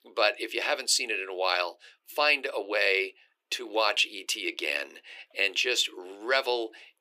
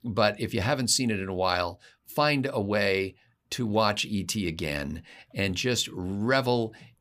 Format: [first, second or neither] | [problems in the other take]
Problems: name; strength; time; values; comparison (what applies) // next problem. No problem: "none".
second | thin; very; fading below 350 Hz